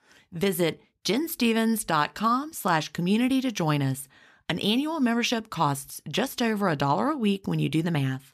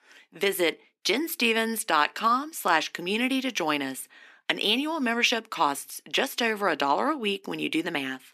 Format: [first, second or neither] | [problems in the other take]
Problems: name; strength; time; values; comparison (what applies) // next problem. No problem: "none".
first | thin; somewhat; fading below 250 Hz